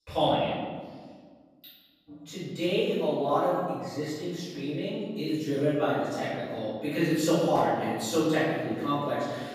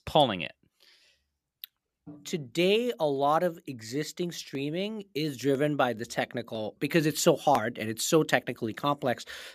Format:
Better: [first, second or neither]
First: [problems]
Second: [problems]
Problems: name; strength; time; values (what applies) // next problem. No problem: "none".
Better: second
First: off-mic speech; far // room echo; strong; dies away in 1.5 s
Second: none